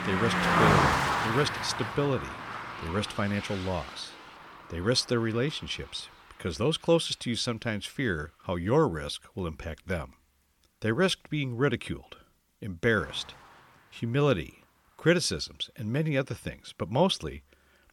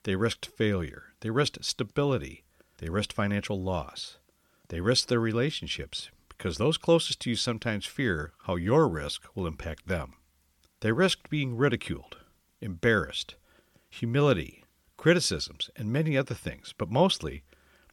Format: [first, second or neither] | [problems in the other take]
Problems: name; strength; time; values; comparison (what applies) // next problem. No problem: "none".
second | traffic noise; very loud; throughout; 1 dB above the speech